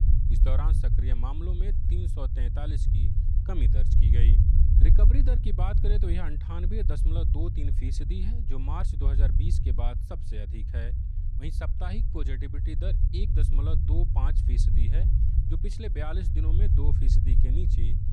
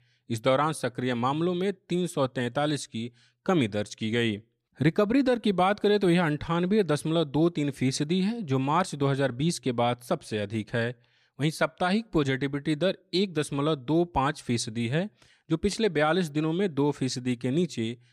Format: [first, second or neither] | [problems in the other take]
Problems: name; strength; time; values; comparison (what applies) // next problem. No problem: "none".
second | low rumble; loud; throughout; 2 dB below the speech